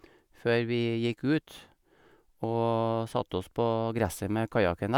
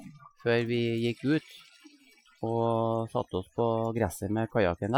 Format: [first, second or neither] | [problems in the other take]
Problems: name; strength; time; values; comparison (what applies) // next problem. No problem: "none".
first | noise reduction (classical method Wiener filter)